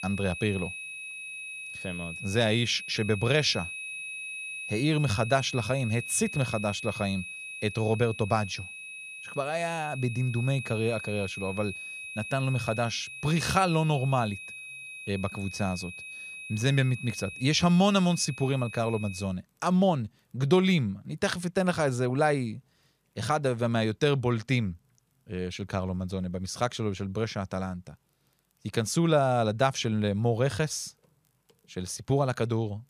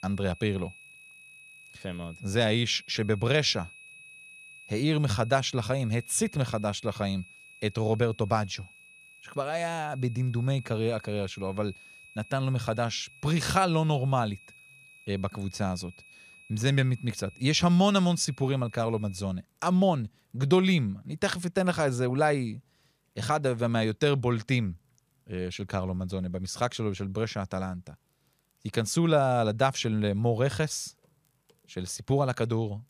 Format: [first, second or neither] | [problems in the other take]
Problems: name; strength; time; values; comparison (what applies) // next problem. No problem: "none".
second | high-pitched whine; loud; until 19 s; 2.5 kHz, 9 dB below the speech; faint in the second